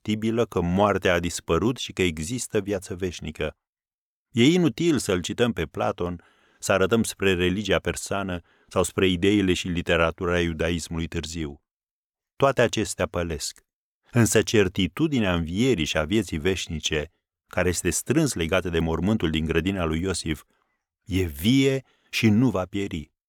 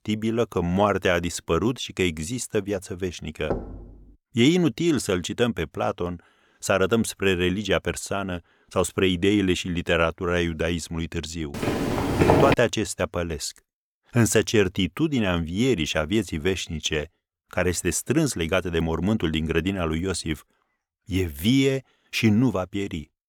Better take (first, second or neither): first